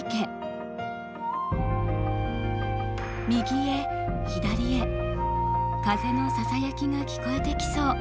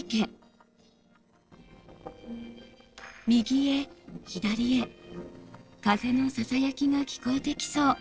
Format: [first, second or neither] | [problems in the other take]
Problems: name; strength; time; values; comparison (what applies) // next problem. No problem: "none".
first | noise reduction (neural separator model SepFormer DNS4)